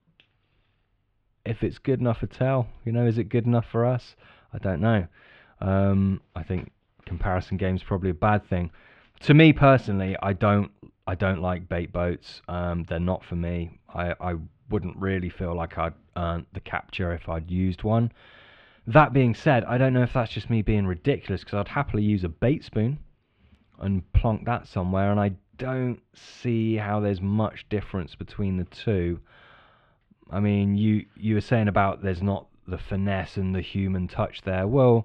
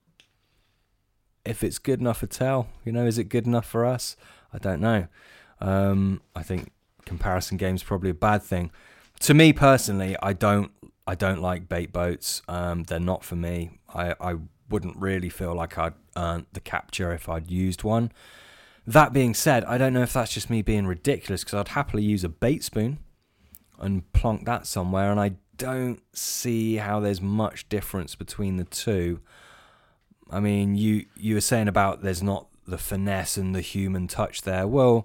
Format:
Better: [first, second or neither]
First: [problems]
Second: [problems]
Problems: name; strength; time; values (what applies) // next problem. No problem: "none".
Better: second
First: muffled; very; fading above 3 kHz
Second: none